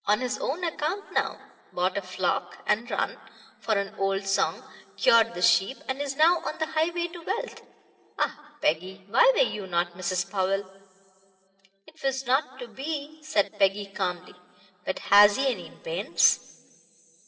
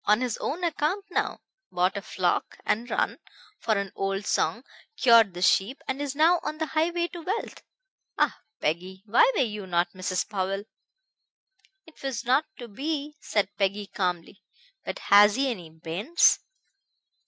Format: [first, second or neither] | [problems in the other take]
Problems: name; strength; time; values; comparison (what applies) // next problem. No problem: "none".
second | room echo; dies away in 2.3 s